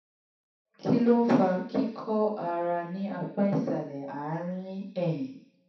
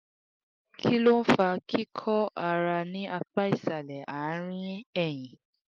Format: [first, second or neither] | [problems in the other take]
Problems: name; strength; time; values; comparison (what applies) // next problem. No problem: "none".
second | room echo; dies away in 0.7 s